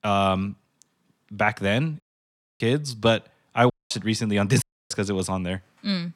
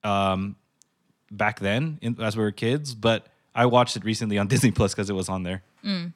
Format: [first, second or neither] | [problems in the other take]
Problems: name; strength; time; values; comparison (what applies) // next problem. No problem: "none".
second | audio cutting out; at 2 s for 0.5 s, at 3.5 s and at 4.5 s